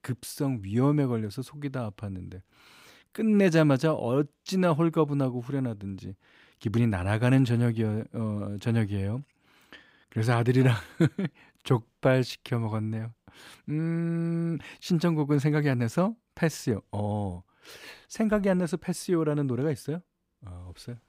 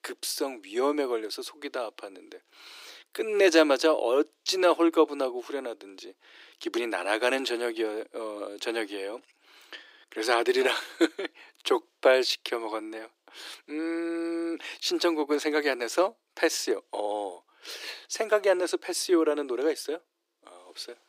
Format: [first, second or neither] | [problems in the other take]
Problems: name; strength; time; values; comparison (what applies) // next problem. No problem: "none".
first | thin; very; fading below 350 Hz